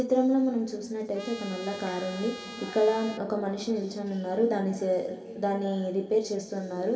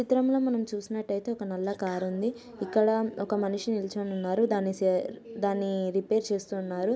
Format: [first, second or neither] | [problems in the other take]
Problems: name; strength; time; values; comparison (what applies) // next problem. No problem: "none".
second | background sound (Trumpet); 16 dB below the speech // room echo; dies away in 2.2 s